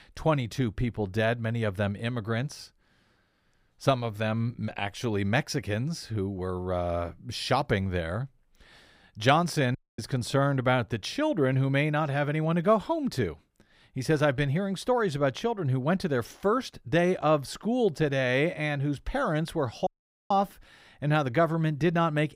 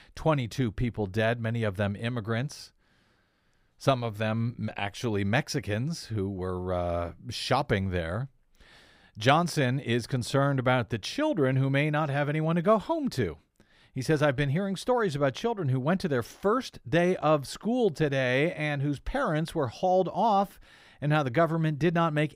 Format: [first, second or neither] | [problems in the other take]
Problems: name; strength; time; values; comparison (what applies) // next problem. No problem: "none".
second | audio cutting out; at 10 s and at 20 s